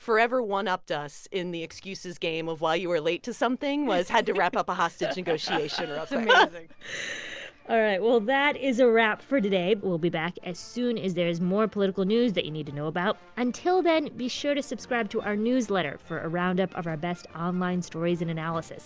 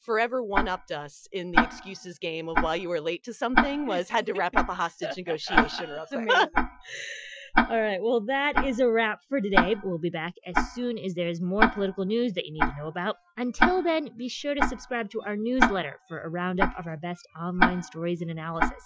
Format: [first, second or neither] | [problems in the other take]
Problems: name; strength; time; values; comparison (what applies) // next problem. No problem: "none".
first | noise reduction (classical method Wiener filter)